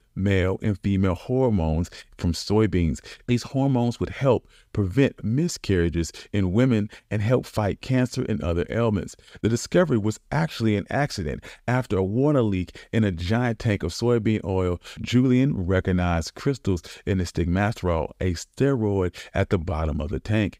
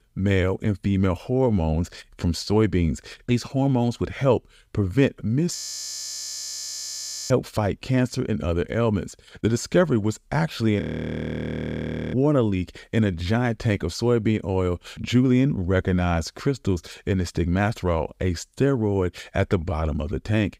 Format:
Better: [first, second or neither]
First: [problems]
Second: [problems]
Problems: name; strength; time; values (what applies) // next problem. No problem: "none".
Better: first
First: none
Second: audio freezing; at 5.5 s for 2 s and at 11 s for 1.5 s